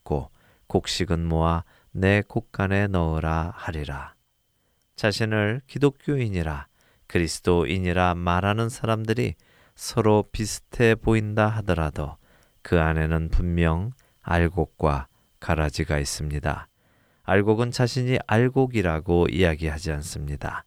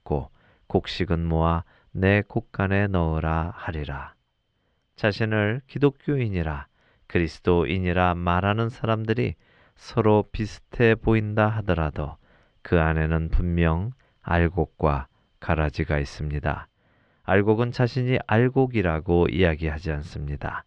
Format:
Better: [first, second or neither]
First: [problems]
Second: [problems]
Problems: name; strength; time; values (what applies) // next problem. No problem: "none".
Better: first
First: none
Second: muffled; slightly; fading above 3.5 kHz